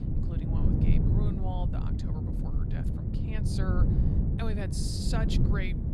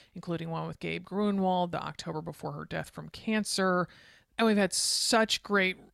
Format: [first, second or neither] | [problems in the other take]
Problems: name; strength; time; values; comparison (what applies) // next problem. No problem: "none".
second | wind noise on the microphone; heavy; 1 dB above the speech